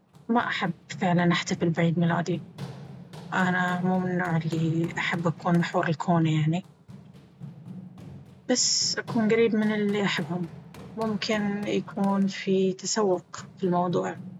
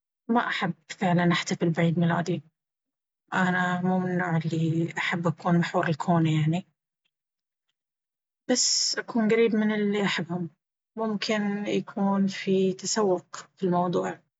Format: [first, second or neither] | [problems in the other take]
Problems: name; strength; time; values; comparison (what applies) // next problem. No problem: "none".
second | background sound (Run); 17 dB below the speech